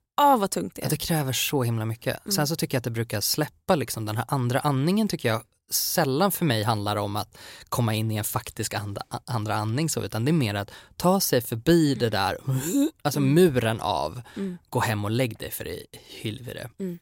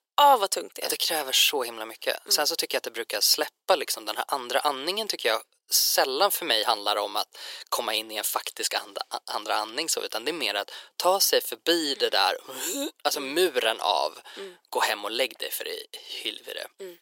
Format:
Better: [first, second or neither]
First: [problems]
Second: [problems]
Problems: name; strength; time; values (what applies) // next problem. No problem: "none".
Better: first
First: none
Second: thin; very; fading below 400 Hz